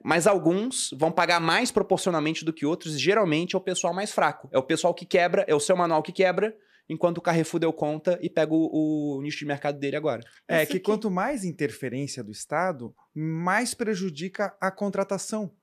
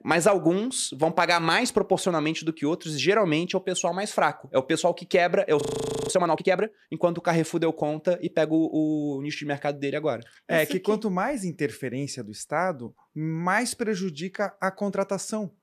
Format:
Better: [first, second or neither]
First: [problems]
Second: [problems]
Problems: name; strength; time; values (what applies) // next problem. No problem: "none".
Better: first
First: none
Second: audio freezing; at 5.5 s